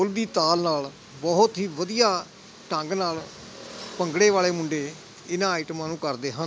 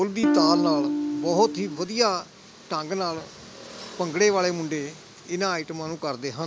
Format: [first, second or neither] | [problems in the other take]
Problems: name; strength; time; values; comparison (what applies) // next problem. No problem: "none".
first | background sound (Electric guitar / Strum); 2 dB above the speech